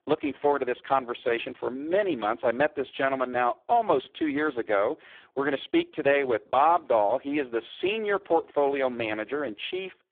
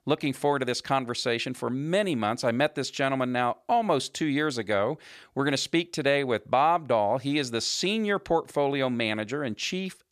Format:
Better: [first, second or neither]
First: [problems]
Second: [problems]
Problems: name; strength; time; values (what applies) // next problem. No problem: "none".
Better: second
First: phone-call audio; poor line; nothing above 3.5 kHz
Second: none